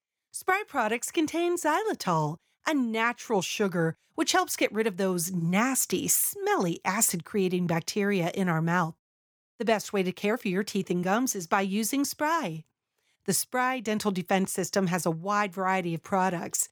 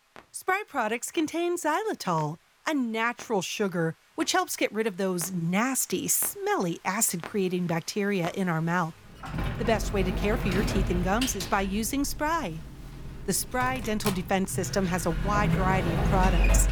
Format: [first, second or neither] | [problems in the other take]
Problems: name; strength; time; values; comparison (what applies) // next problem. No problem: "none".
first | household noises; loud; throughout; 4 dB below the speech